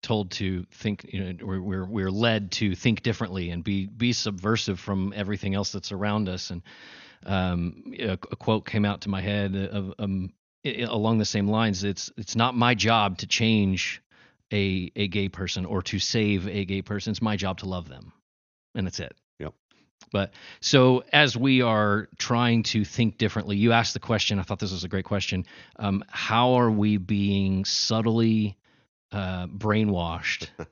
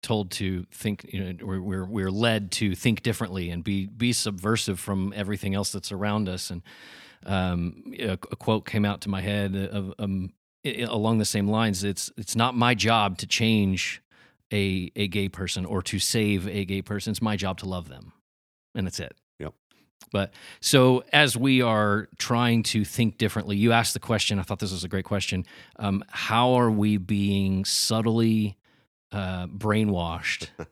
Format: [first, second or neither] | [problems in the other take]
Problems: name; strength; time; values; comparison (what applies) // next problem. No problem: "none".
second | garbled, watery; slightly; nothing above 6.5 kHz